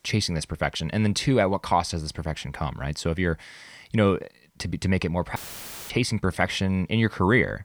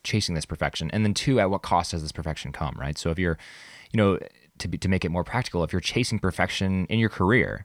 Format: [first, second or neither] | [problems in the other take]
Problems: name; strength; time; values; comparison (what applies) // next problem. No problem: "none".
second | audio cutting out; filled with static; at 5.5 s for 0.5 s